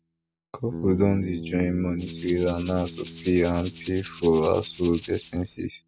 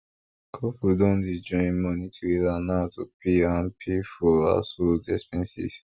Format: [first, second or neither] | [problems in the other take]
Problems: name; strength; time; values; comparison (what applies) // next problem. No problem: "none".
second | background sound (Rattle (instrument) + Bass guitar); 13 dB below the speech